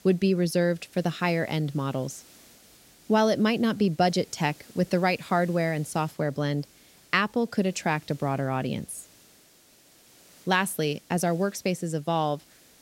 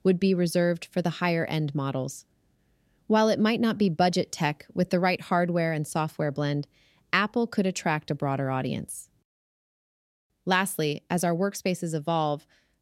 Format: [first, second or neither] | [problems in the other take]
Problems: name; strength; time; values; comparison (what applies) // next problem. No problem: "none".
second | hiss; faint; throughout; 25 dB below the speech